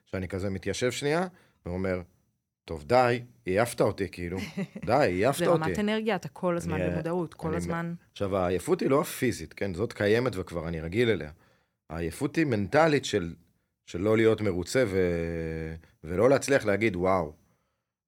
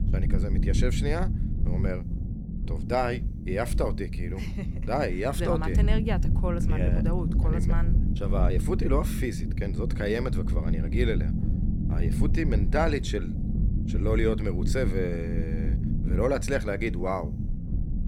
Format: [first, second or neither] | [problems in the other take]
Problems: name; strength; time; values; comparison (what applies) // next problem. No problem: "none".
first | low rumble; loud; throughout; 9 dB below the speech